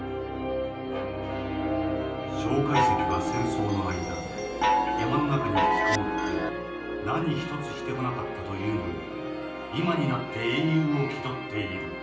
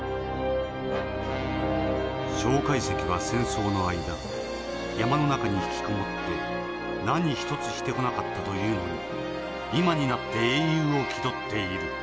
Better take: second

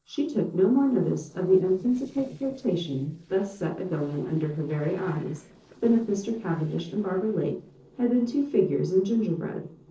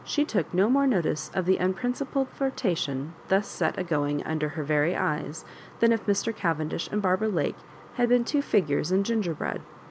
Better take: second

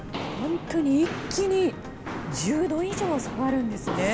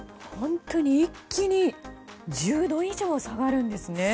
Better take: second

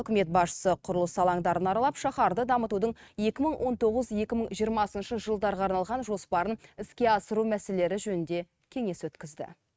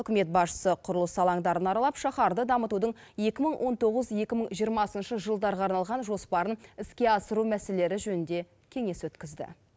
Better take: second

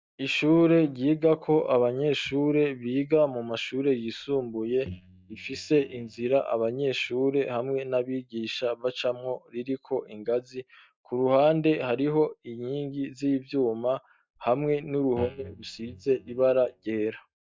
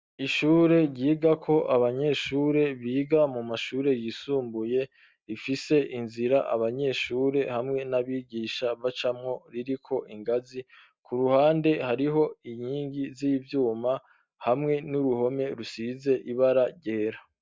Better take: second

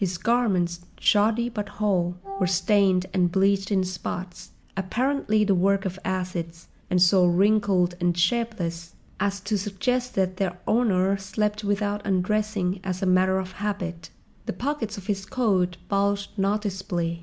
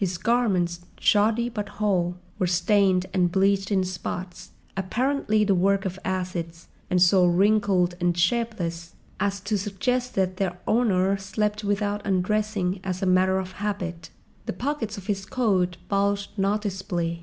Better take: second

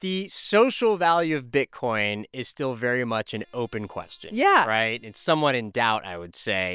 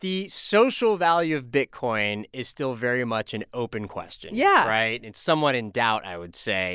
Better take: second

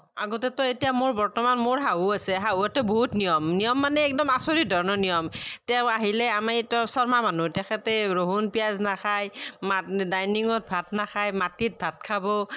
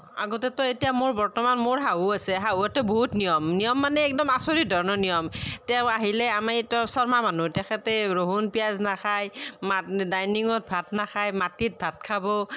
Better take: second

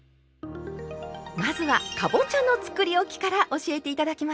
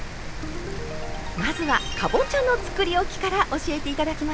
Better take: first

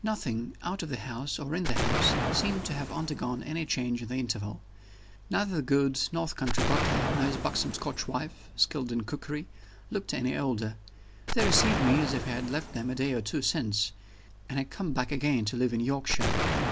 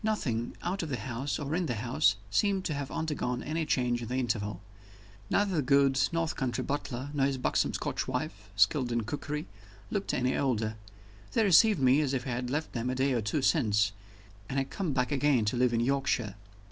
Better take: second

